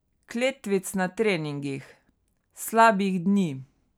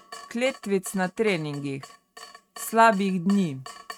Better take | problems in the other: first | noise reduction (neural mask model RNNoise)

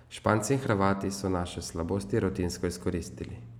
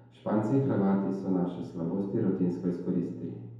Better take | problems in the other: first | room echo; dies away in 0.8 s

